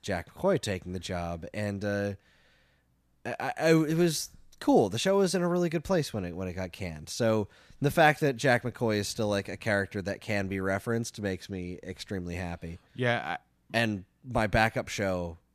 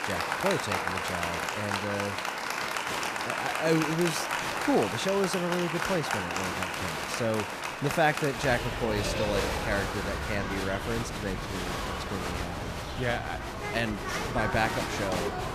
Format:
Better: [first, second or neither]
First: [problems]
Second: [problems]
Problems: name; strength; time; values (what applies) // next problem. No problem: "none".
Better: first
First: none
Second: crowd noise; loud; throughout; as loud as the speech